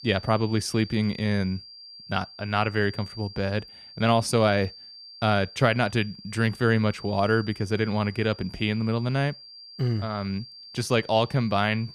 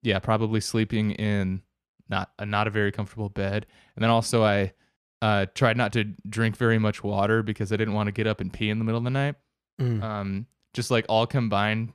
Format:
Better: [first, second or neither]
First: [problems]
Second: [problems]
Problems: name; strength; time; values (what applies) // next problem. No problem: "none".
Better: second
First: high-pitched whine; noticeable; throughout; 4.5 kHz, 15 dB below the speech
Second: none